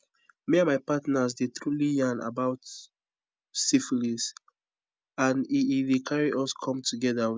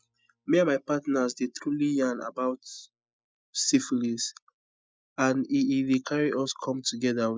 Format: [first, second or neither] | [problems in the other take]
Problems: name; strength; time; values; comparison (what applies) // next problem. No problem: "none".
first | noise reduction (classical method Wiener filter)